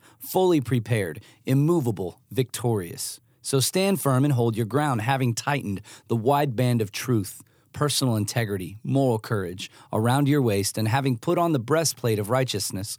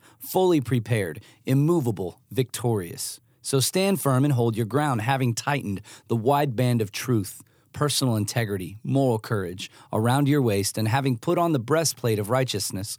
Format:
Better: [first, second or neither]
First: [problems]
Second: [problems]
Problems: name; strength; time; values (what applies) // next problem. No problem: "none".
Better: neither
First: none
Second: none